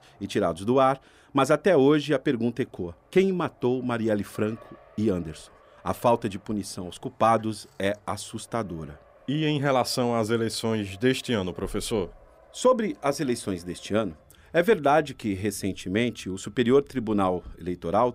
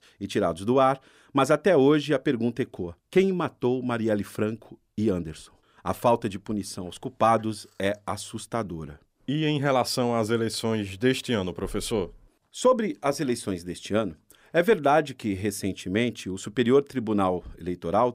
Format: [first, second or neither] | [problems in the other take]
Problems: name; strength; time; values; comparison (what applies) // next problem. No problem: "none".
second | traffic noise; faint; throughout; 30 dB below the speech